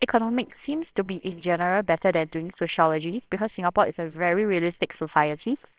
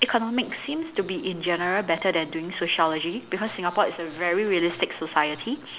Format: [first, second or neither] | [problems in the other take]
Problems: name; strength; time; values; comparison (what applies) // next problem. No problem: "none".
second | noise reduction (neural separator model SepFormer WHAMR!)